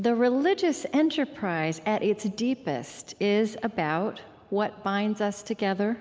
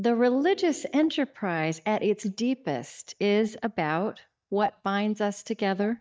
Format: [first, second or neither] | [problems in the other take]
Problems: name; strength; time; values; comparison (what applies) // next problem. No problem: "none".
first | noise reduction (neural mask model DeepFilterNet 3)